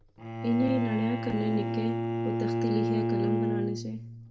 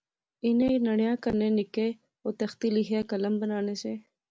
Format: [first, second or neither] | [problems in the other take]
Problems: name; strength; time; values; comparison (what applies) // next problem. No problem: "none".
second | background sound (Bowed string instrument); 1 dB above the speech // room echo; dies away in 0.4 s